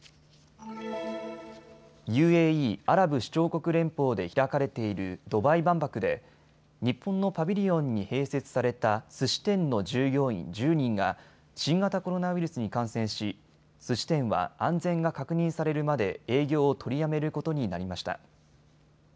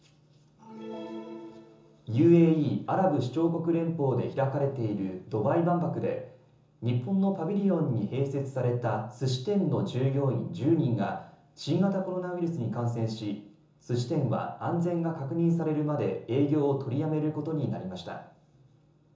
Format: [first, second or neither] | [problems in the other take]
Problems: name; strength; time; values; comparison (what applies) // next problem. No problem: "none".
first | room echo; dies away in 0.6 s